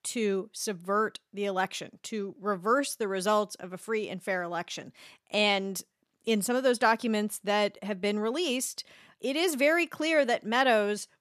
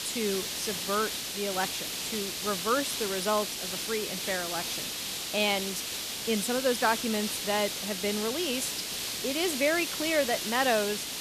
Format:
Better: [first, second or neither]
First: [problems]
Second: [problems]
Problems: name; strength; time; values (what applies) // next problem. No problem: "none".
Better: first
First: none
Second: hiss; loud; throughout; 2 dB below the speech